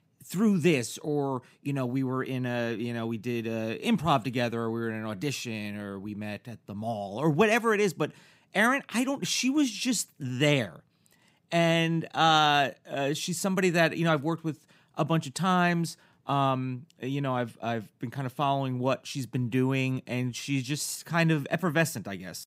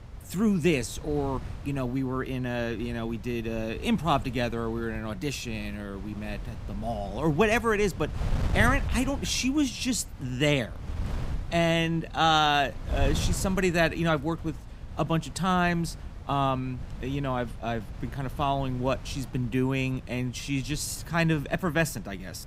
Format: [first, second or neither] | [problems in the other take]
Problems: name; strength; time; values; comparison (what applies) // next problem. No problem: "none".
first | wind noise on the microphone; occasional gusts; 20 dB below the speech